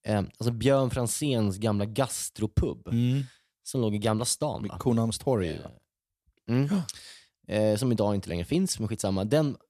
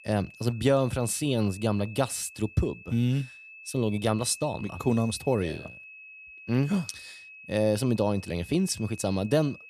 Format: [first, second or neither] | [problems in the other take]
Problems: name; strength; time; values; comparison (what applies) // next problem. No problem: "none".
first | high-pitched whine; noticeable; throughout; 2.5 kHz, 20 dB below the speech